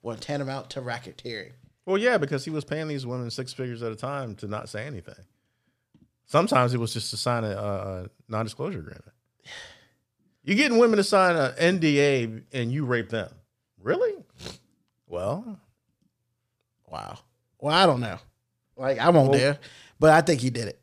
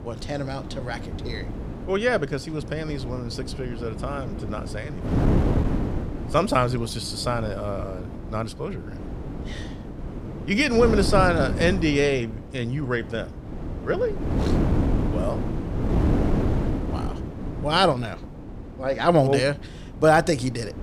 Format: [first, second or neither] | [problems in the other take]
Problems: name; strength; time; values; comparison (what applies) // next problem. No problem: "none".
first | wind noise on the microphone; occasional gusts; 10 dB below the speech